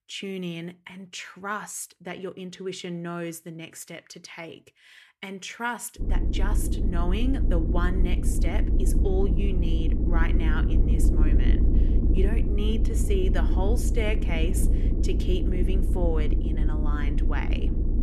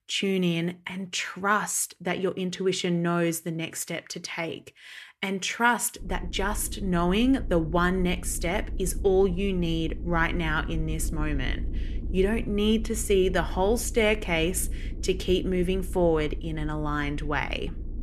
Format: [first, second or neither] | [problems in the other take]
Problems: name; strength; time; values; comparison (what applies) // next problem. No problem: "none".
second | low rumble; loud; from 6 s on; 3 dB below the speech; faint in the second